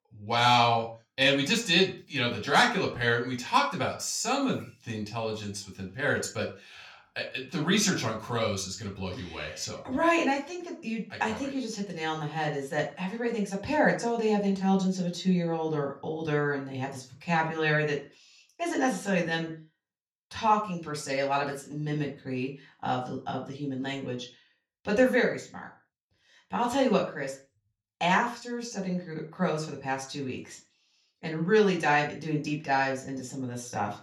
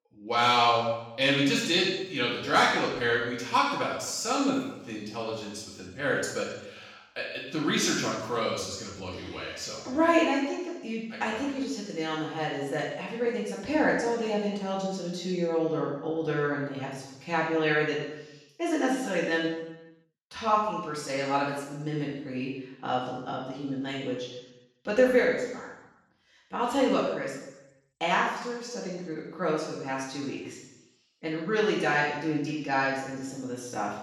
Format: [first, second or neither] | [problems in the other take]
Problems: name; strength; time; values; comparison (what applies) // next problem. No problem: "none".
first | room echo; strong; dies away in 0.9 s; slight in the first // off-mic speech; far; far in the first